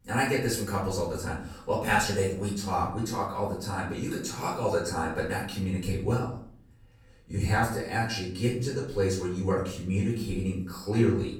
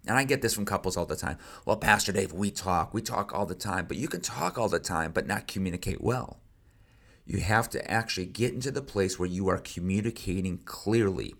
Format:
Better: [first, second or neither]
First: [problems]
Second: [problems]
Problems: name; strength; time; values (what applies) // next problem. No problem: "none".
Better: second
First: room echo; noticeable; dies away in 0.5 s // off-mic speech; far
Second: none